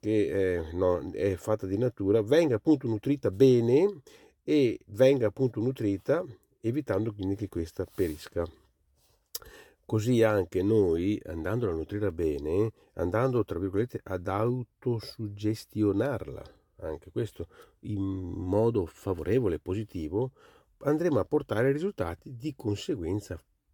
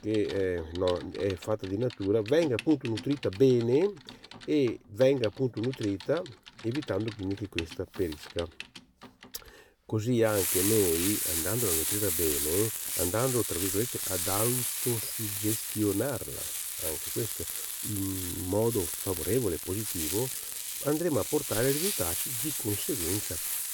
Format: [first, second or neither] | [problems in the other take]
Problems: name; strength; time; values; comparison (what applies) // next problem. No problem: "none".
first | household noises; very loud; throughout; as loud as the speech